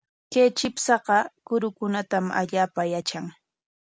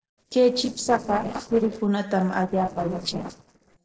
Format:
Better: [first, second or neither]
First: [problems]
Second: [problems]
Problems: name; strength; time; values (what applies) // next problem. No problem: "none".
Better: first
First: none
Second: noise reduction (neural separator model SepFormer DNS4)